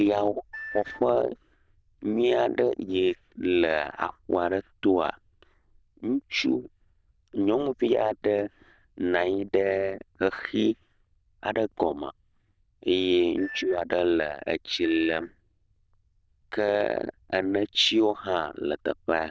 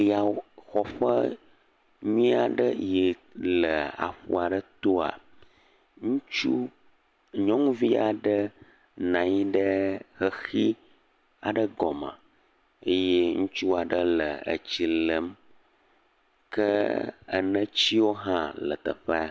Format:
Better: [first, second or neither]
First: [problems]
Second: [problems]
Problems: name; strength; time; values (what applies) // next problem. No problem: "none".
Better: second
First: noise reduction (neural diffusion model UNIVERSE++)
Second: none